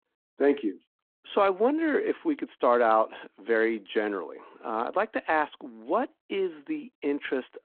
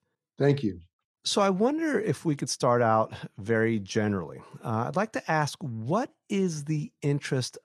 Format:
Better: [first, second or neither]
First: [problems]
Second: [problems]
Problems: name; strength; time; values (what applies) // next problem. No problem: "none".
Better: second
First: phone-call audio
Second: none